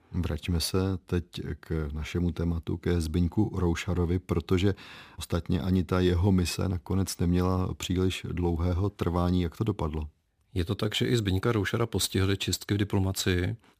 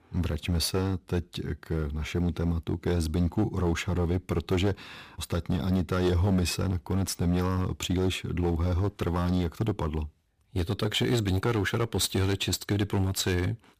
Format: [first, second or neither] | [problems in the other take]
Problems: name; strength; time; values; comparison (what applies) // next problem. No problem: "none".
first | distortion; slight; 6% of the sound clipped